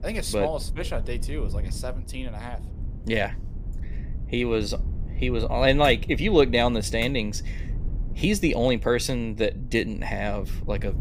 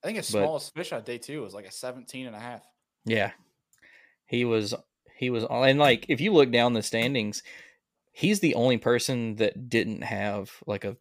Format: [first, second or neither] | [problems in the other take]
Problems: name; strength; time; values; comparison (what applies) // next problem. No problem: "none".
second | low rumble; faint; throughout; 25 dB below the speech